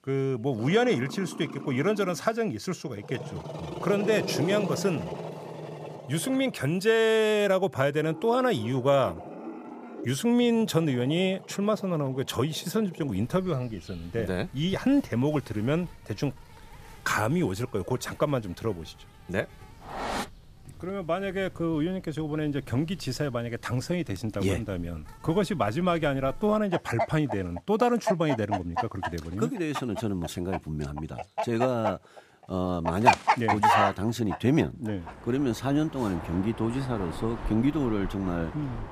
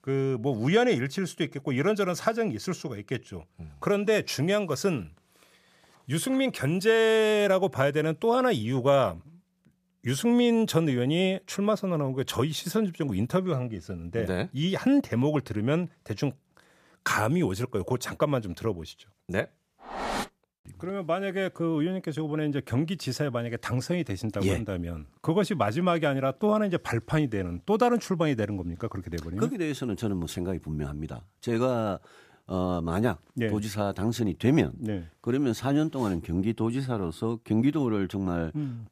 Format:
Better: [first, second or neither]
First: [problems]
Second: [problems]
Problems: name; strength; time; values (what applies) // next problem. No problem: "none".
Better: second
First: animal sounds; loud; throughout; 5 dB below the speech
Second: none